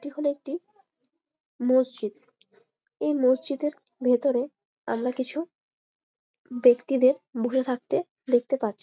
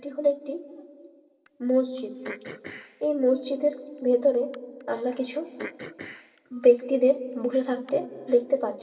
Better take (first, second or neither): first